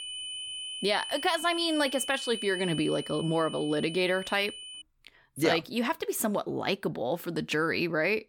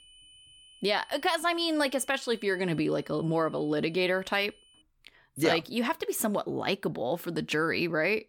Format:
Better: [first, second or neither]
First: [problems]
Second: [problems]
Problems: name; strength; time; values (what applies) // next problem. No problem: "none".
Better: second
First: high-pitched whine; loud; until 5 s; 3 kHz, 8 dB below the speech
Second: high-pitched whine; faint; until 5 s; 3 kHz, 25 dB below the speech